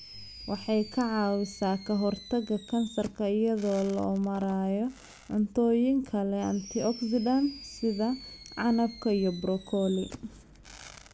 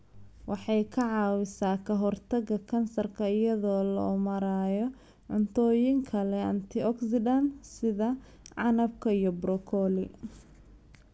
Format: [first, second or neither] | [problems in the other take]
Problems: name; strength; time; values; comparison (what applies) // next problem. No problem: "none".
second | background sound (Fireworks); 19 dB below the speech